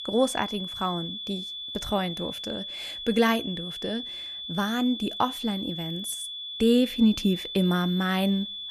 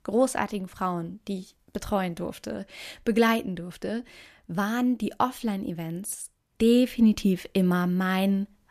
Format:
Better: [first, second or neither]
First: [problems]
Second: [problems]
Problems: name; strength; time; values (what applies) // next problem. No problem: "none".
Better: second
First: high-pitched whine; loud; throughout; 3.5 kHz, 7 dB below the speech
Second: none